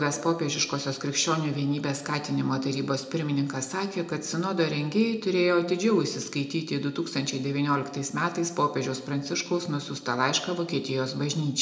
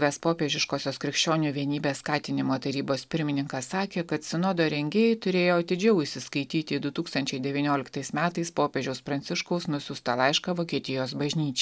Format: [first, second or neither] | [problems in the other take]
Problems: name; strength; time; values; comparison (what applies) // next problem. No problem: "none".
second | room echo; dies away in 0.5 s